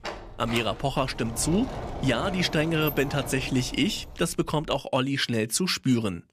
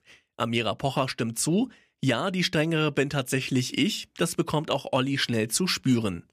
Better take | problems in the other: second | door banging; noticeable; until 5 s; peak 7 dB below the speech

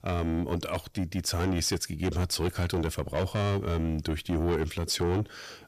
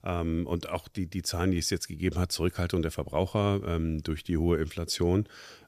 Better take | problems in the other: second | distortion; heavy; 8 dB below the speech

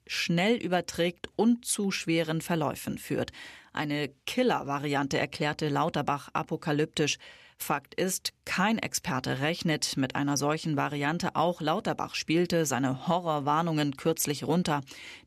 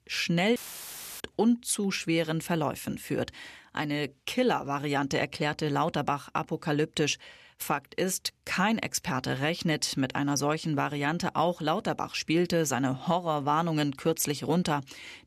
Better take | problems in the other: first | audio cutting out; filled with static; at 0.5 s for 0.5 s

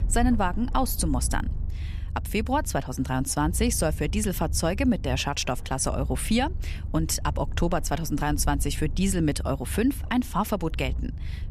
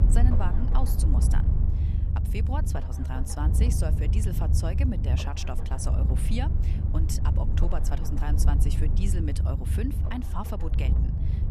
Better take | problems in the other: first | low rumble; loud; throughout; 4 dB below the speech; faint in the first

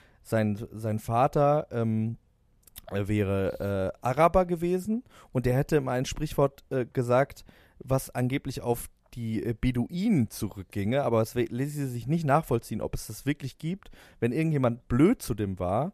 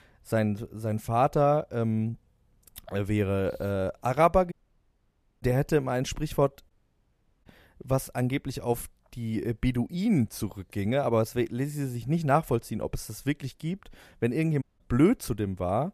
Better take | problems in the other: first | audio cutting out; at 4.5 s for 1 s, at 6.5 s for 1 s and at 15 s

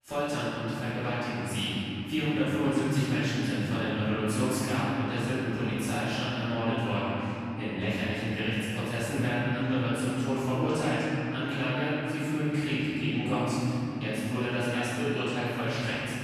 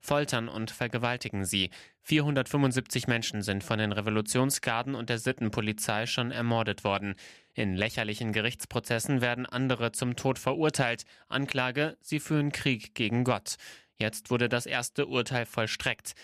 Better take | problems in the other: second | room echo; strong; dies away in 3 s // off-mic speech; far

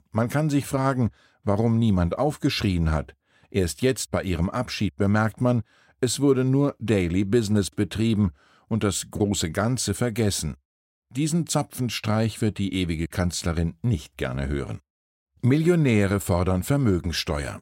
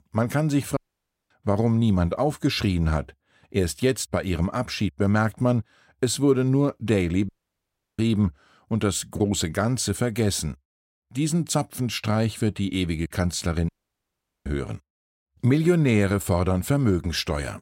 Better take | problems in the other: first | audio cutting out; at 1 s for 0.5 s, at 7.5 s for 0.5 s and at 14 s for 1 s

